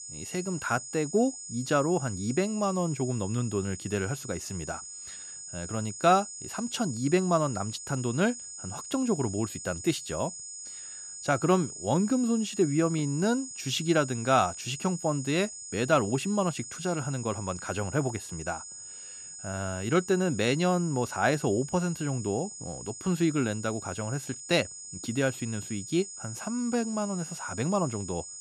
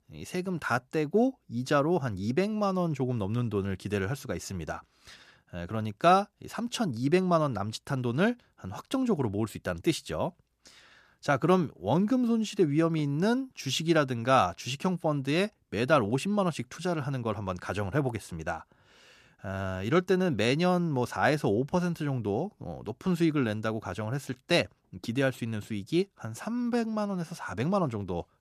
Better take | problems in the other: second | high-pitched whine; noticeable; throughout; 7 kHz, 10 dB below the speech

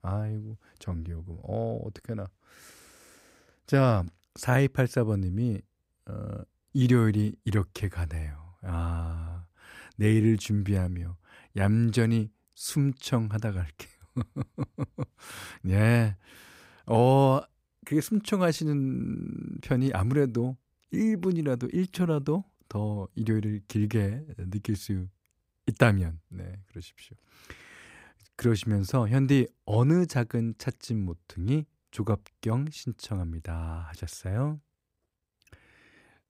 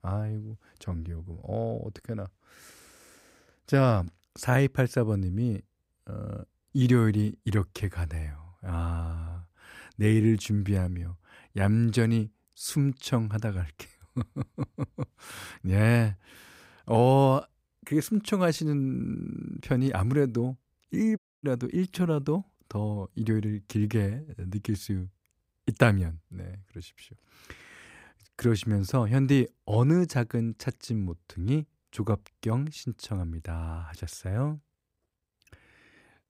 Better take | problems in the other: first | audio cutting out; at 21 s

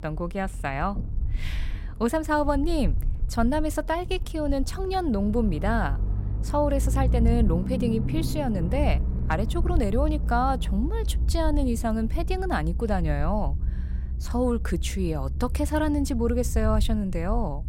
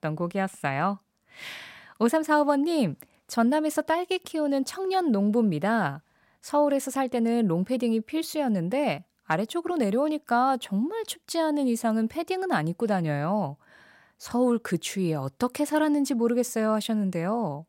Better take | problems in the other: second | low rumble; noticeable; throughout; 15 dB below the speech

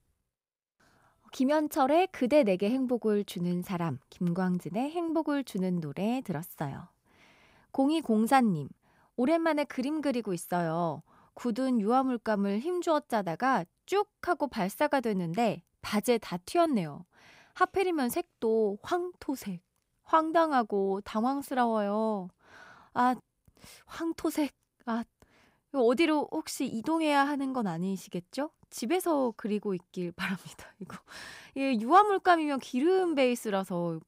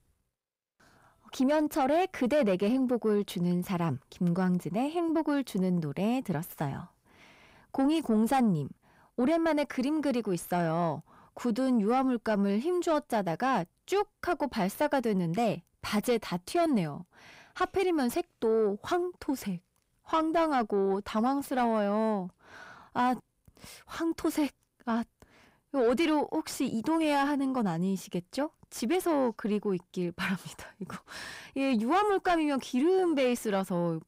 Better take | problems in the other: first | distortion; slight; 10 dB below the speech

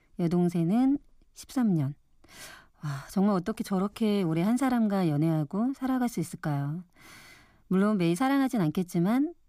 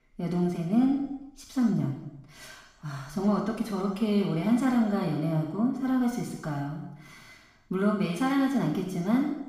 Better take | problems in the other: first | room echo; noticeable; dies away in 0.8 s // off-mic speech; far

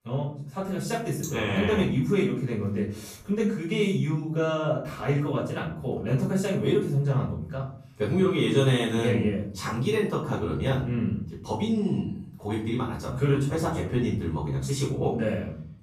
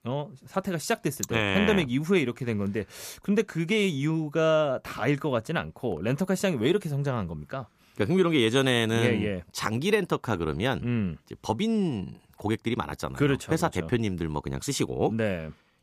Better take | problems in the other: second | off-mic speech; far // room echo; noticeable; dies away in 0.6 s

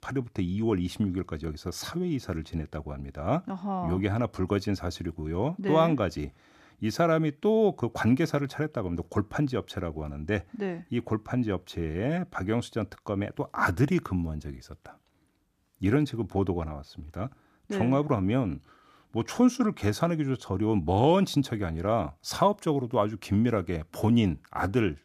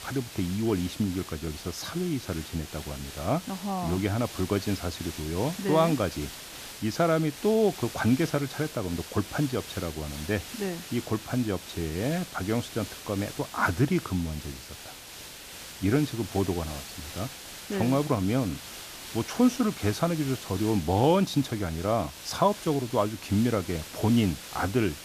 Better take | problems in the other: first | hiss; noticeable; throughout; 10 dB below the speech

